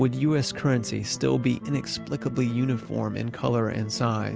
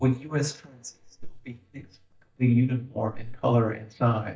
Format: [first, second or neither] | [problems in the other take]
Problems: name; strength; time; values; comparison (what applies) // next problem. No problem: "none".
first | noise reduction (neural mask model DeepFilterNet 3)